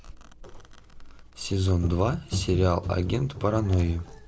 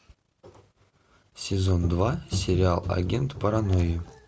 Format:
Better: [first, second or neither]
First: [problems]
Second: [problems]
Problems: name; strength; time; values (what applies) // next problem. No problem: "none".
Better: second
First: background sound (Domestic sounds, home sounds); 20 dB below the speech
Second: none